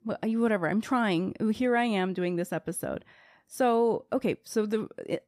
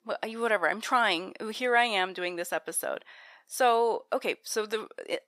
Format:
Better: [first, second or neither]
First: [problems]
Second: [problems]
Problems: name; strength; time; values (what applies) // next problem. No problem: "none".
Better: first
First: none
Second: thin; very; fading below 650 Hz